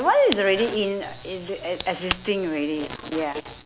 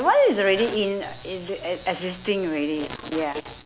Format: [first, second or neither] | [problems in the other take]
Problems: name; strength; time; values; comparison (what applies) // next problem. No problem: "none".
second | background sound (Crack); 11 dB below the speech